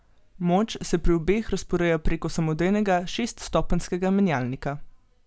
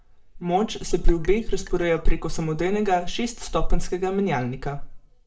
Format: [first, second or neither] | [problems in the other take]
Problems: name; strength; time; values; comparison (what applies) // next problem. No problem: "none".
first | noise reduction (neural separator model SepFormer DNS4)